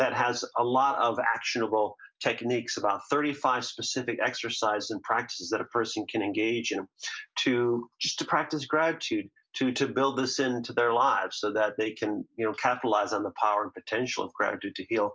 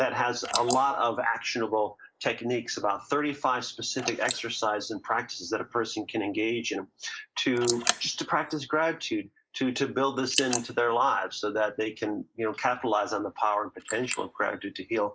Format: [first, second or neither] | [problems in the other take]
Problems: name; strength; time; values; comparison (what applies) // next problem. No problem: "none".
first | noise reduction (neural mask model Resemble Enhance denoiser)